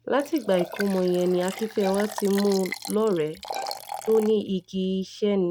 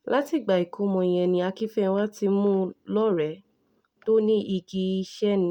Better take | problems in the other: second | background sound (Liquid + Bowed string instrument); 13 dB below the speech

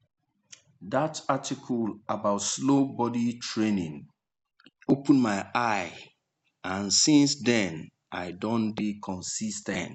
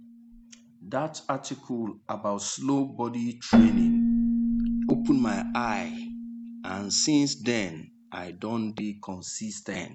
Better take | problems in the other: first | background sound (Keyboard (musical)); 1 dB above the speech

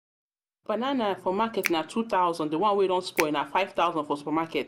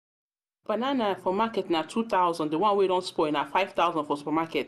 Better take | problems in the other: second | background sound (Finger snapping); 7 dB below the speech

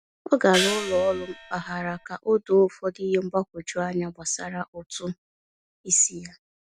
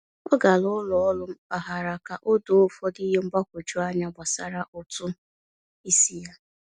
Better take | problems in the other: second | background sound (Gong); 5 dB below the speech

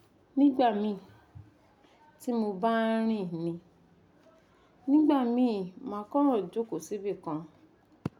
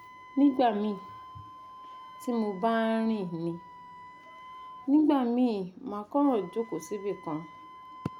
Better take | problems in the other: first | background sound (Wind instrument, woodwind instrument); 19 dB below the speech

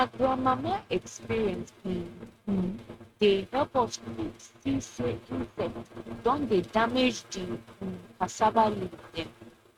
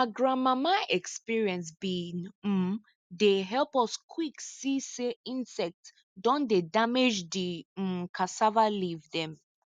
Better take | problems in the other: second | noise reduction (neural mask model RNNoise)

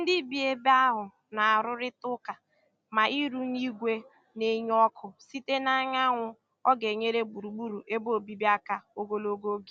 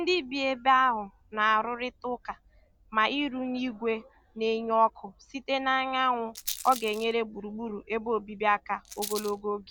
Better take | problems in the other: first | background sound (Rattle); 18 dB below the speech

